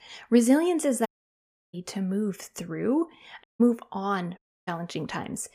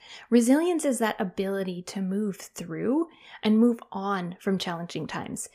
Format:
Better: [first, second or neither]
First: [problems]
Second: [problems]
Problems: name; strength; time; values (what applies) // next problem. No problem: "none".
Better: second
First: audio cutting out; at 1 s for 0.5 s, at 3.5 s and at 4.5 s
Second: none